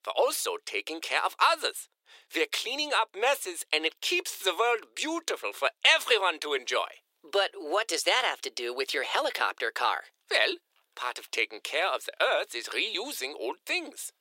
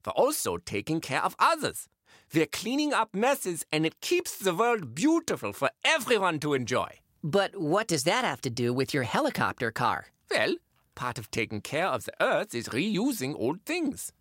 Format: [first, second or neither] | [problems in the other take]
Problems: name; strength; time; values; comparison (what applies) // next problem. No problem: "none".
second | thin; very; fading below 400 Hz